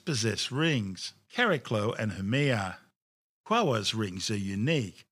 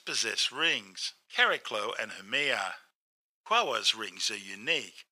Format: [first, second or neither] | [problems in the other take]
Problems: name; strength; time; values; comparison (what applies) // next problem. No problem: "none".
first | thin; very; fading below 650 Hz